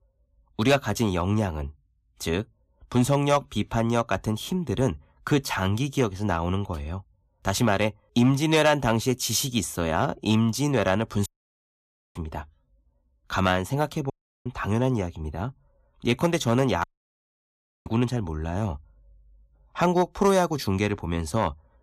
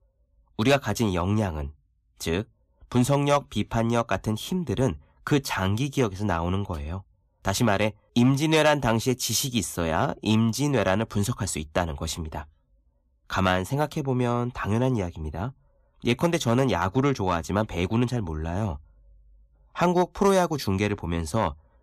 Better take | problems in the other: second | audio cutting out; at 11 s for 1 s, at 14 s and at 17 s for 1 s

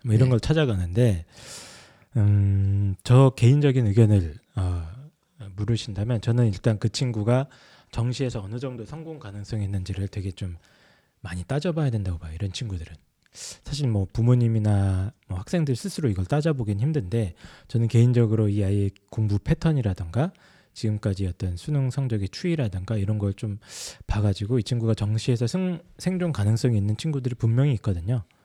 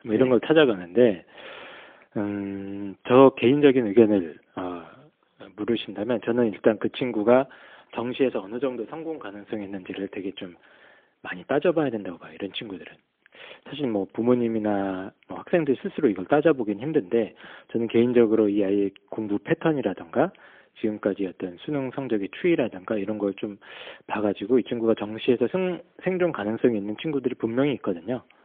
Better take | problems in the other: first | phone-call audio; poor line; nothing above 3.5 kHz

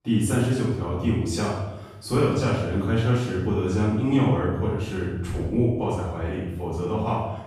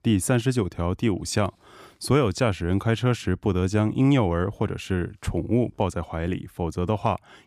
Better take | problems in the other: second | room echo; strong; dies away in 0.8 s // off-mic speech; far

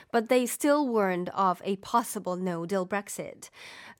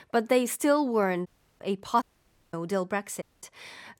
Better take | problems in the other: first | audio cutting out; at 1.5 s, at 2 s for 0.5 s and at 3 s

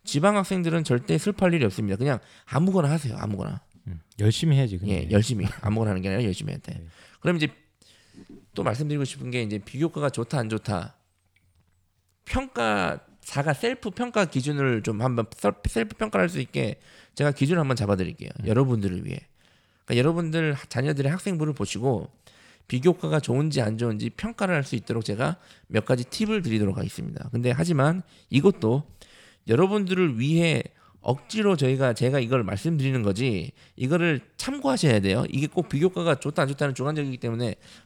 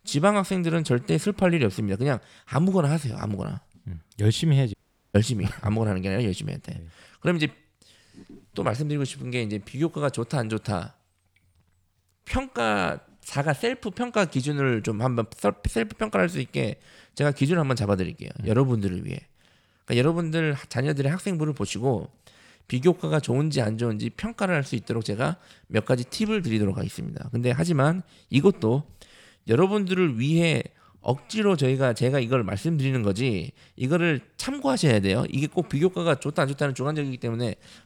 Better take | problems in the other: first | audio cutting out; at 4.5 s

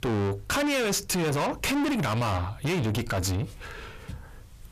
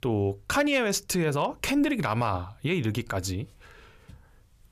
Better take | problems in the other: second | distortion; heavy; 6 dB below the speech

